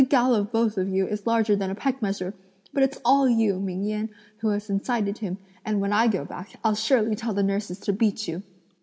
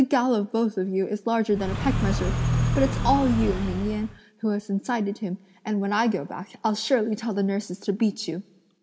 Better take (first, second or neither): first